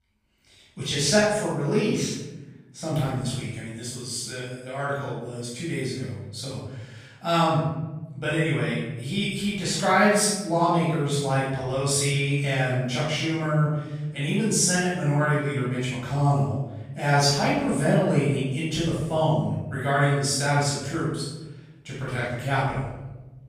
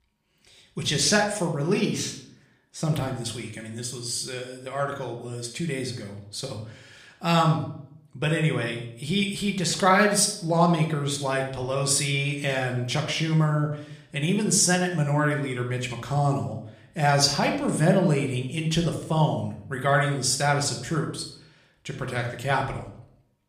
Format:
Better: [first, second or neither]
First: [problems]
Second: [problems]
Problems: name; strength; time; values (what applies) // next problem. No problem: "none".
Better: second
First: room echo; strong; dies away in 1.1 s // off-mic speech; far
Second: room echo; slight; dies away in 0.5 s // off-mic speech; somewhat distant